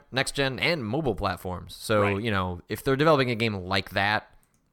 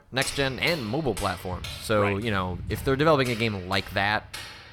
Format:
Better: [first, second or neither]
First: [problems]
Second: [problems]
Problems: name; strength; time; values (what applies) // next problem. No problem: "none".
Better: first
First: none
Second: footsteps; noticeable; peak 8 dB below the speech